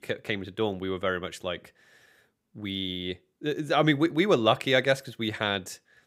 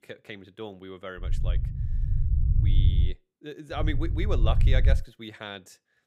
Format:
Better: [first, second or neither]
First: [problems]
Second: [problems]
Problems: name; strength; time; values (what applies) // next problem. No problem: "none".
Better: first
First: none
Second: low rumble; loud; from 1 to 3 s and from 4 to 5 s; 7 dB below the speech